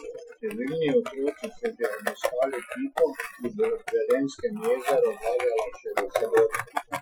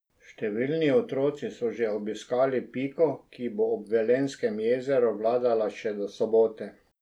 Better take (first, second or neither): second